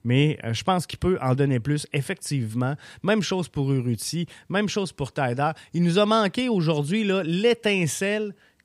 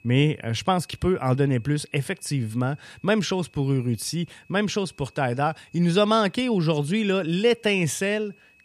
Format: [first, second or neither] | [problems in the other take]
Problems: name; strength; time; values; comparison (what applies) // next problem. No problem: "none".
first | high-pitched whine; faint; throughout; 2.5 kHz, 30 dB below the speech